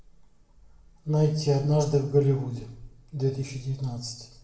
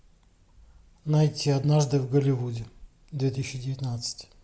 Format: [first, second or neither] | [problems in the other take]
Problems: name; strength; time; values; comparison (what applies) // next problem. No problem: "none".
second | room echo; dies away in 0.6 s